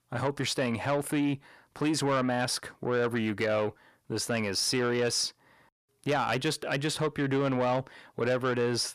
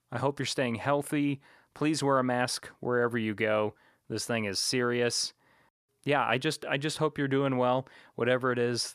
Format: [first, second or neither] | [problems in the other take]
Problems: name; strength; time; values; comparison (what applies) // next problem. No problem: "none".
second | distortion; slight; 10 dB below the speech